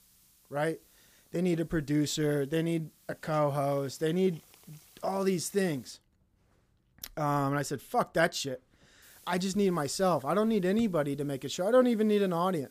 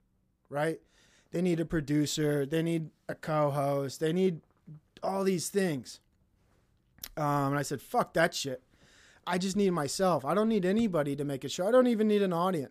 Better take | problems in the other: second | hiss; faint; until 6 s and from 9 s on; 30 dB below the speech

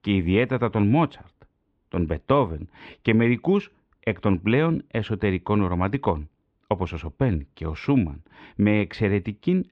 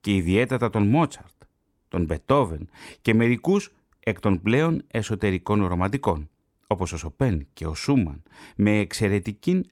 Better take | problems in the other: second | muffled; slightly; fading above 3.5 kHz

